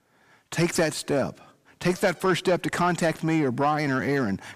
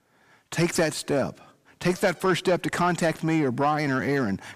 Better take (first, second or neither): neither